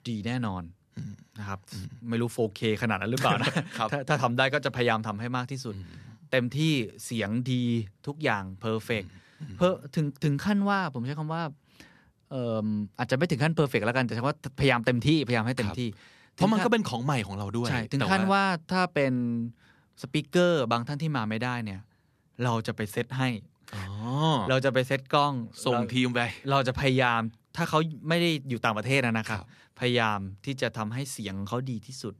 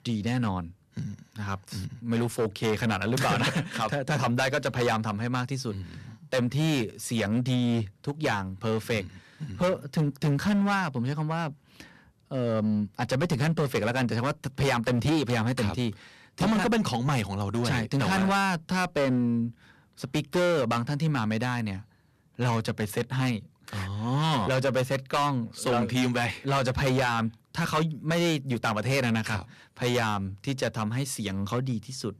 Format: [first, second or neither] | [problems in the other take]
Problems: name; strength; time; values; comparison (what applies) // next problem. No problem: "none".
first | distortion; heavy; 10% of the sound clipped